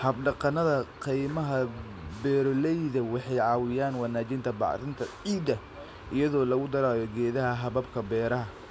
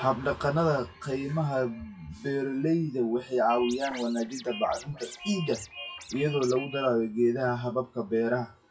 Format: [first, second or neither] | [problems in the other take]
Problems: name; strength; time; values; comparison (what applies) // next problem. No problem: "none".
first | noise reduction (classical method WPE with log-MMSE)